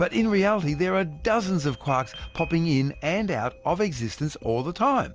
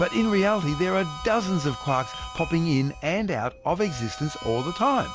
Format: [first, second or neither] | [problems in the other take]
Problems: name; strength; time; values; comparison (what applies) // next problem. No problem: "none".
first | background sound (Harmonica); 14 dB below the speech